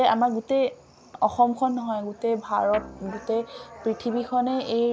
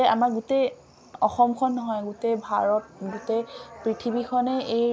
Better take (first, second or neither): second